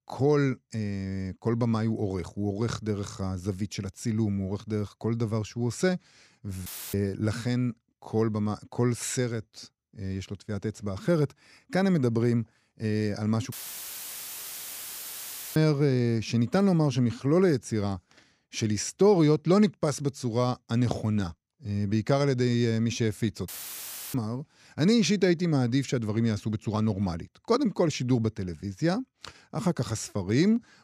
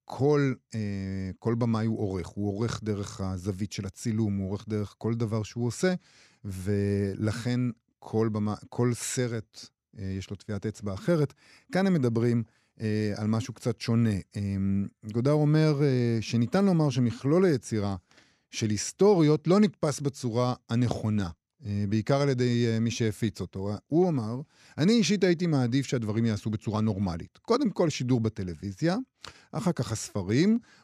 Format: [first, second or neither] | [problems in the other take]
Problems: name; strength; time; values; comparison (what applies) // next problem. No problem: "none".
second | audio cutting out; filled with static; at 6.5 s, at 14 s for 2 s and at 23 s for 0.5 s